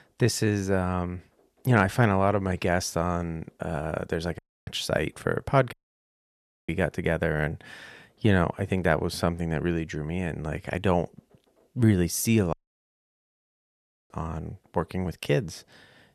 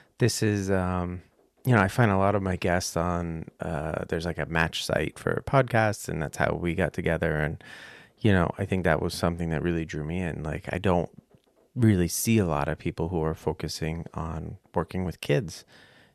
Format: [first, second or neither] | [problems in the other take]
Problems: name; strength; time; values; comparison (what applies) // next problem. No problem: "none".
second | audio cutting out; at 4.5 s, at 5.5 s for 1 s and at 13 s for 1.5 s